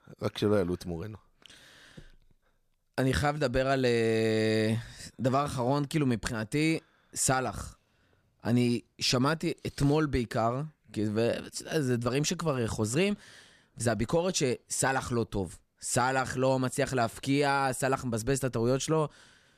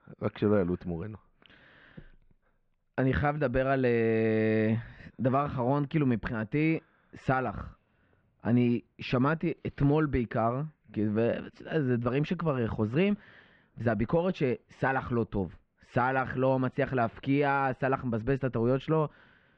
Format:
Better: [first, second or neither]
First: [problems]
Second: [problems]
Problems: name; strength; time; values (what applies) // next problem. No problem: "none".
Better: first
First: none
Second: muffled; very; fading above 2.5 kHz